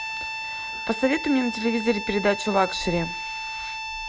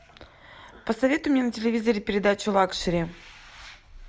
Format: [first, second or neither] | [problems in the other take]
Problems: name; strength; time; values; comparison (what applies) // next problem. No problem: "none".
second | background sound (Harmonica); 6 dB below the speech